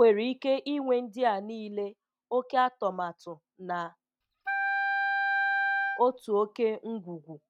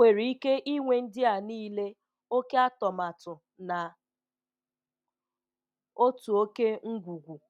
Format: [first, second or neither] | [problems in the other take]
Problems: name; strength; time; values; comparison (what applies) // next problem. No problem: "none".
second | noise reduction (neural mask model RNNoise)